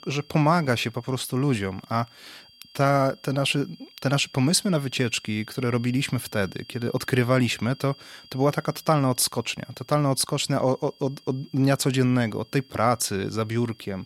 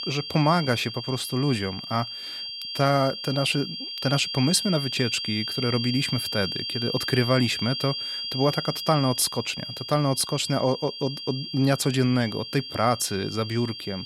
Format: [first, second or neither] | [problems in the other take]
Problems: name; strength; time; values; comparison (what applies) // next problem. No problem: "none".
first | high-pitched whine; loud; throughout; 4.5 kHz, 6 dB below the speech; faint in the first